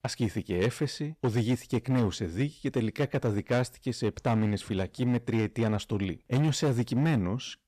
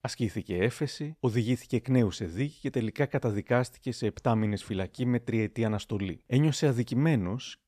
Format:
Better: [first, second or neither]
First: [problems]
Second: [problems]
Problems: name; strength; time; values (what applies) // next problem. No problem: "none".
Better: second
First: distortion; slight; 7% of the sound clipped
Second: none